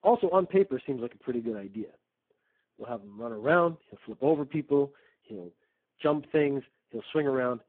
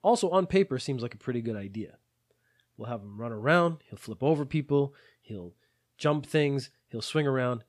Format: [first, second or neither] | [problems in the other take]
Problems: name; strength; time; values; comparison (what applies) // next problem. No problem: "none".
second | phone-call audio; poor line